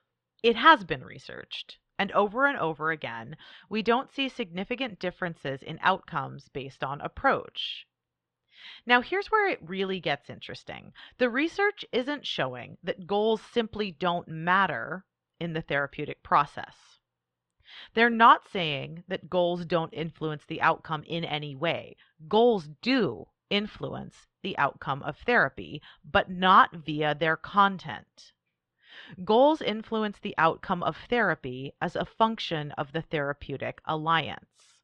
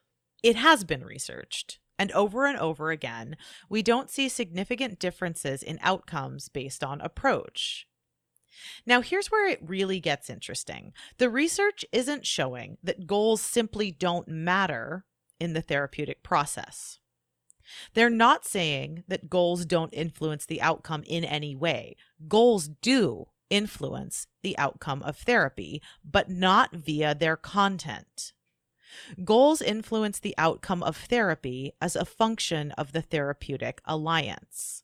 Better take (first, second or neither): second